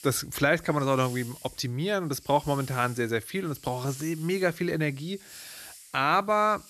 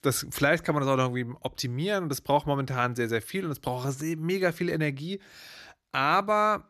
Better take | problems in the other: second | hiss; noticeable; throughout; 20 dB below the speech

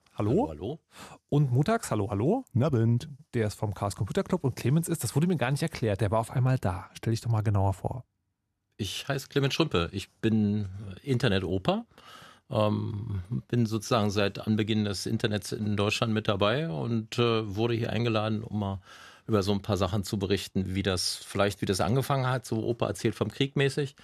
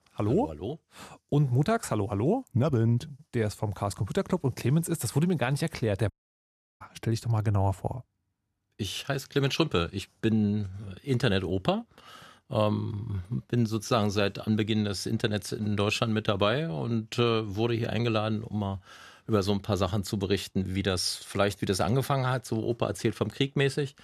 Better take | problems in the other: first | audio cutting out; at 6 s for 0.5 s

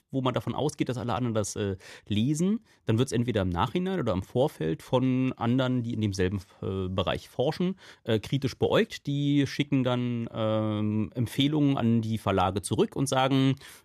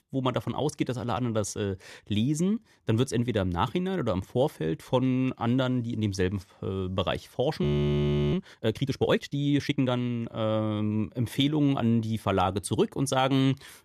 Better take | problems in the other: first | audio freezing; at 7.5 s for 0.5 s

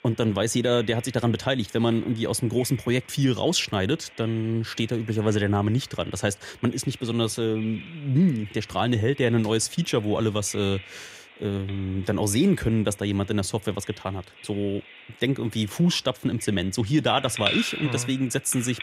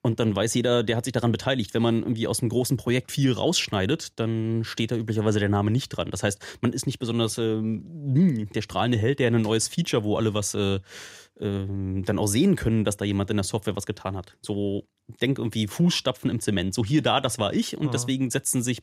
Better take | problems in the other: second | animal sounds; noticeable; throughout; 15 dB below the speech

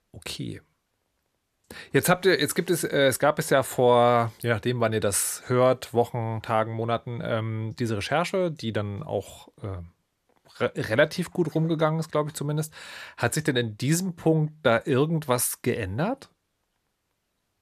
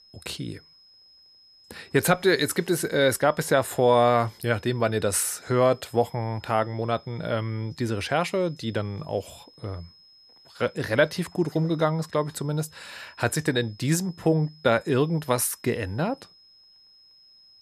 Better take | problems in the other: first | high-pitched whine; faint; throughout; 5 kHz, 25 dB below the speech

